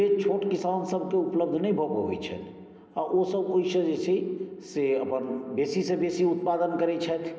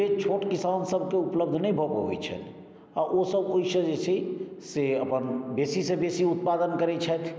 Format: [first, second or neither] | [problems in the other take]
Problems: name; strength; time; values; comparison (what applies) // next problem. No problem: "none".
second | room echo; dies away in 0.3 s